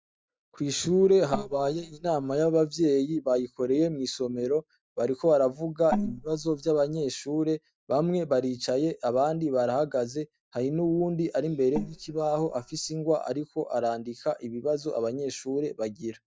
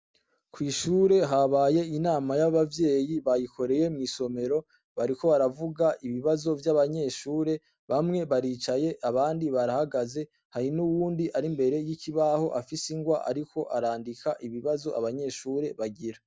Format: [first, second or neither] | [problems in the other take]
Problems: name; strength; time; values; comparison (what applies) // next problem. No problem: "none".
second | noise reduction (neural mask model DeepFilterNet 3)